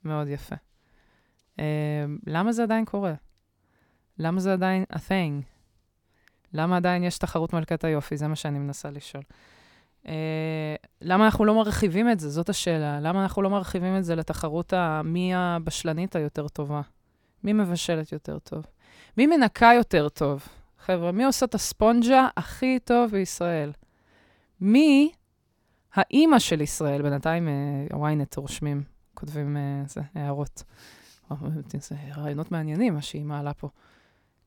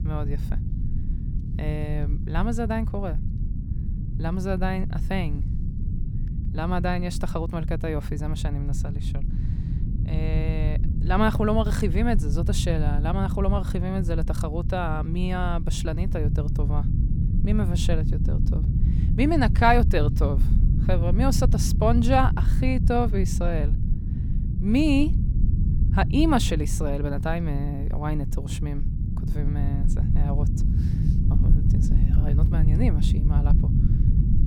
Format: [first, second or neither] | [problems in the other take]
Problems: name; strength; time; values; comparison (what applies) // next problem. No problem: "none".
first | low rumble; noticeable; throughout; 10 dB below the speech